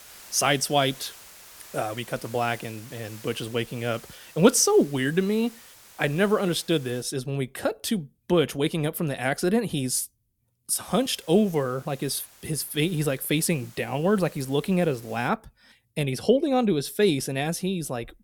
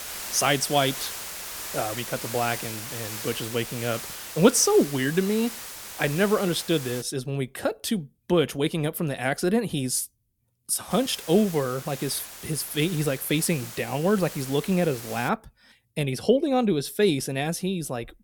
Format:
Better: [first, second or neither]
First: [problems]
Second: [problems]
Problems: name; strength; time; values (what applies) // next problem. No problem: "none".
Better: first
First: hiss; faint; until 7 s and from 11 to 15 s; 20 dB below the speech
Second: hiss; loud; until 7 s and from 11 to 15 s; 10 dB below the speech